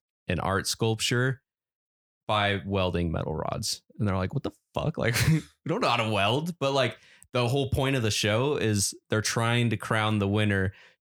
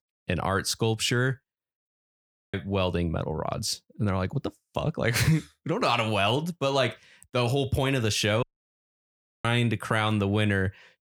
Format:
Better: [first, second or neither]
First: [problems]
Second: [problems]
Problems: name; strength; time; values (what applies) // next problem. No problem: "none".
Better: first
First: none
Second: audio cutting out; at 2 s and at 8.5 s for 1 s